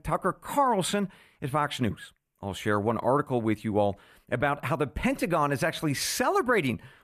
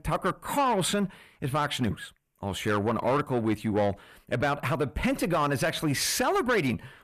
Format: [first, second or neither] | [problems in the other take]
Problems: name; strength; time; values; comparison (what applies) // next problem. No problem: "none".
first | distortion; slight; 10 dB below the speech